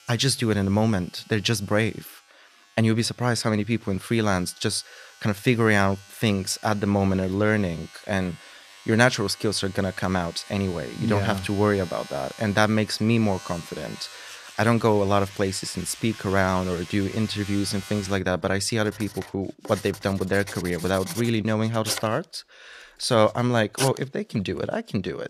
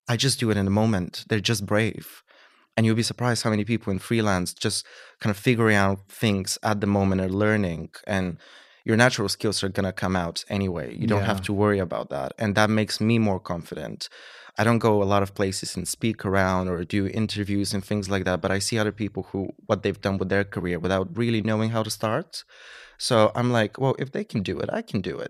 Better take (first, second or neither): second